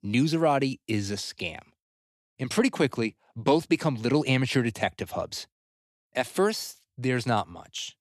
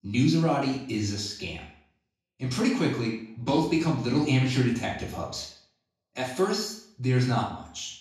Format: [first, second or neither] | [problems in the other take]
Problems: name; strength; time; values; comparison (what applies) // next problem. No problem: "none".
first | room echo; noticeable; dies away in 0.5 s // off-mic speech; far